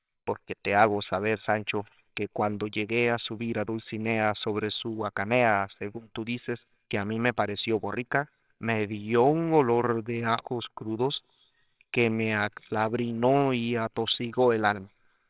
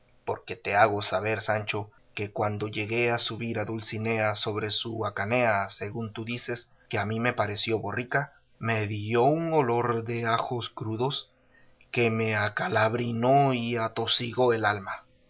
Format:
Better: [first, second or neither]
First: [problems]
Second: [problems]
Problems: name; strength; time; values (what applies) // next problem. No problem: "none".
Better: second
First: noise reduction (neural separator model SepFormer WHAMR!)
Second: none